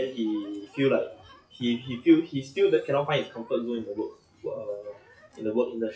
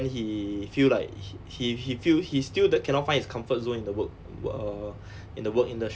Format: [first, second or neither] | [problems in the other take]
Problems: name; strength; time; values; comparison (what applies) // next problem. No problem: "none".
second | noise reduction (classical method WPE with log-MMSE)